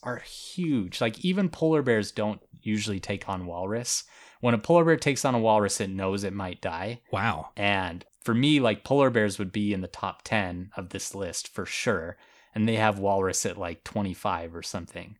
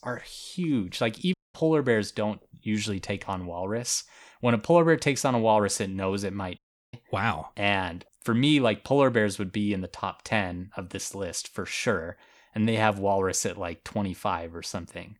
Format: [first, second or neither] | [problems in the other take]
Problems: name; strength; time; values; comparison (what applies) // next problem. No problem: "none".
first | audio cutting out; at 1.5 s and at 6.5 s